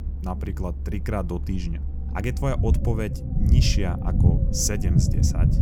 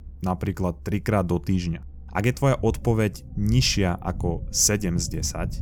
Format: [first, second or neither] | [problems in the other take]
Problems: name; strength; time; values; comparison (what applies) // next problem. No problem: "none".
second | low rumble; loud; throughout; 6 dB below the speech; faint in the second